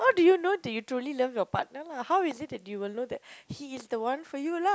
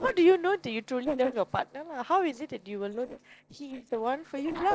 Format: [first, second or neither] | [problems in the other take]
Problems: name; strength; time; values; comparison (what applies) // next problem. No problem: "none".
first | noise reduction (neural separator model SepFormer DNS4)